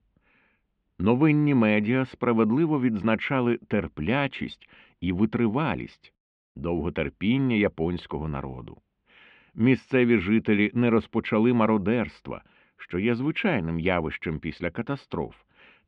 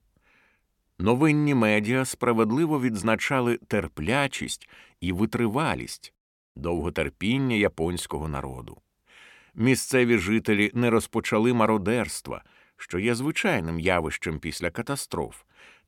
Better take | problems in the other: second | muffled; very; fading above 3 kHz

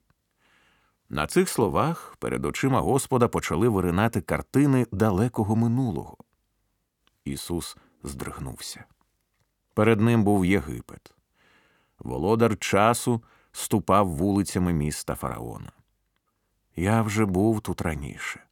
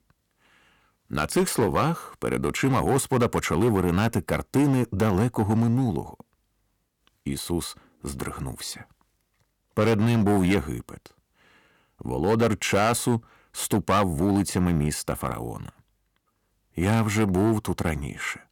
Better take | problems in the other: first | distortion; slight; 6% of the sound clipped

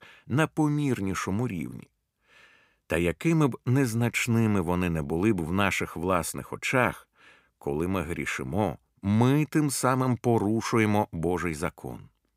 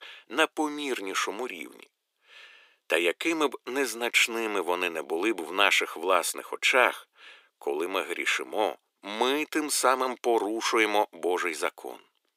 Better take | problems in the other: first | thin; very; fading below 350 Hz

